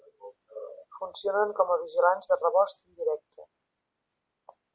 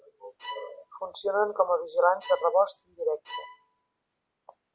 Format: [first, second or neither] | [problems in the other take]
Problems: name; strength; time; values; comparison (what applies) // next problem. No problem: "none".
first | background sound (Bowed string instrument); 15 dB below the speech